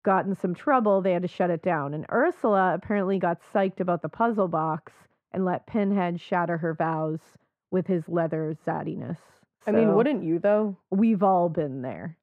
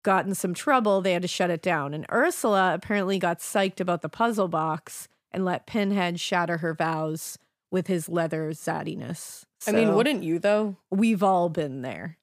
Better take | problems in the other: second | muffled; very; fading above 3 kHz

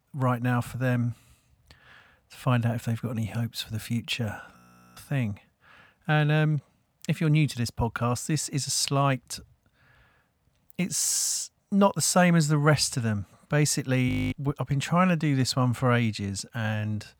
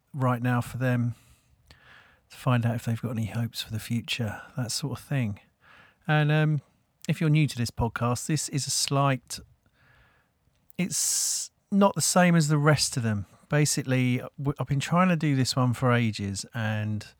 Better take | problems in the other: second | audio freezing; at 4.5 s and at 14 s

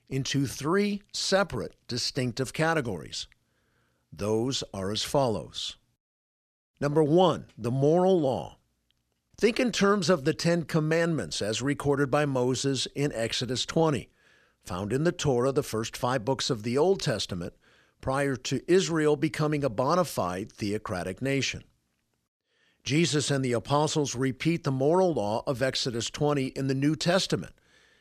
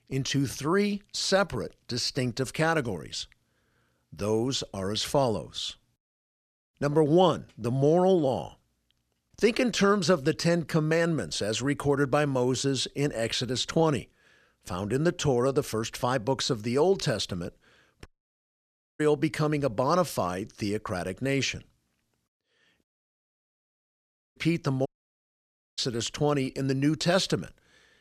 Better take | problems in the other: first | audio cutting out; at 18 s for 1 s, at 23 s for 1.5 s and at 25 s for 1 s

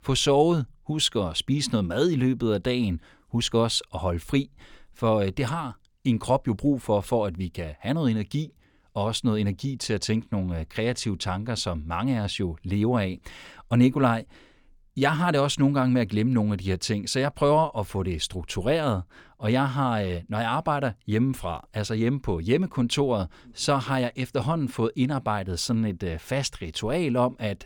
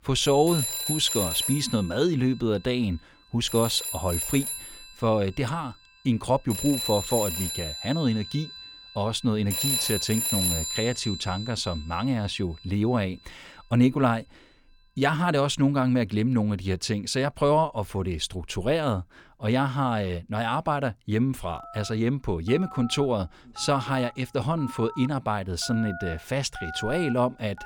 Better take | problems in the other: first | alarms or sirens; loud; throughout; 4 dB below the speech

